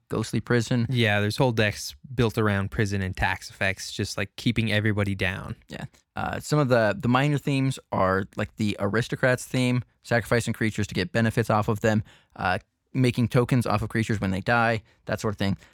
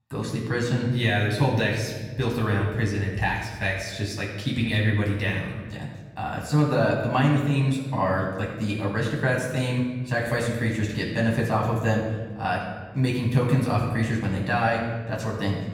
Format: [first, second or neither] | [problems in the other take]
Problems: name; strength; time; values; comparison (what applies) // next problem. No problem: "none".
first | off-mic speech; far // room echo; noticeable; dies away in 1.2 s